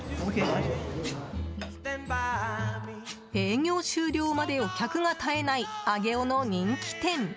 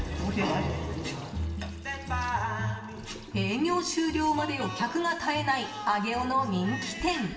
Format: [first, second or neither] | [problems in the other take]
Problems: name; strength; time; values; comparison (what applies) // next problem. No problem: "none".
first | background sound (Sink (filling or washing) / Water tap, faucet); 18 dB below the speech // room echo; dies away in 1.1 s